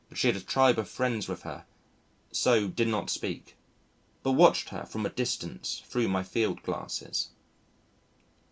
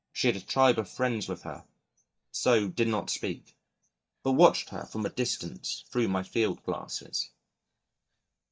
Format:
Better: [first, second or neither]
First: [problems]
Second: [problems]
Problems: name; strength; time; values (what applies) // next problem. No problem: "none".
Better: first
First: none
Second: noise reduction (neural mask model DeepFilterNet 3)